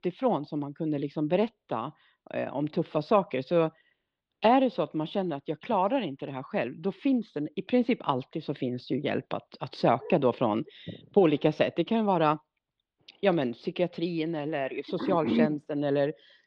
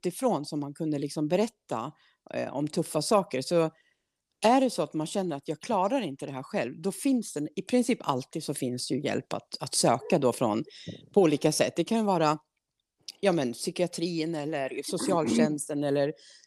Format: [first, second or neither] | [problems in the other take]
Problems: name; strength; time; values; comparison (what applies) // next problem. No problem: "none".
second | muffled; very; fading above 3.5 kHz